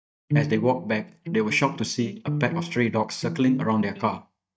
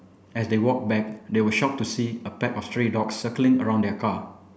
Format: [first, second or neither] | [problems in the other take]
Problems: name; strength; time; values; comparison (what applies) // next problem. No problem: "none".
second | noise reduction (neural mask model DeepFilterNet 3)